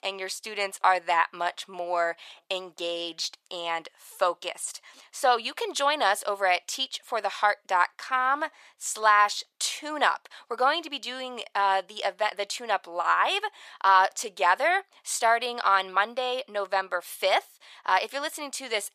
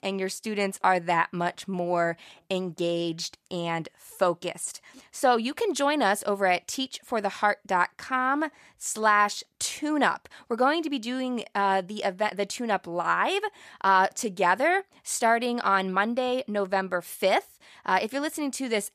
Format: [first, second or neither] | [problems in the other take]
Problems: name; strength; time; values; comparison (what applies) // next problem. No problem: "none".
second | thin; very; fading below 650 Hz